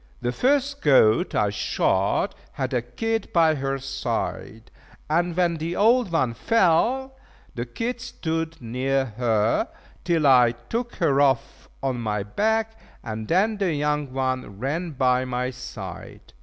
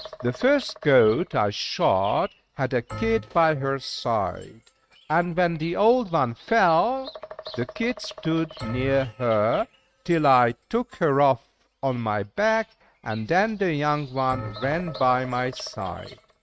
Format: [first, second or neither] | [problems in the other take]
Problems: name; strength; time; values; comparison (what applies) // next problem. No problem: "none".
first | noise reduction (neural mask model RNNoise)